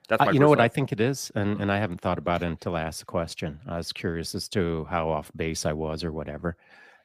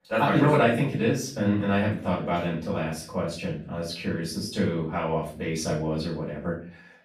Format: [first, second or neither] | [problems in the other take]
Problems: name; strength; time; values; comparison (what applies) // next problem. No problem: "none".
first | off-mic speech; far // room echo; noticeable; dies away in 0.4 s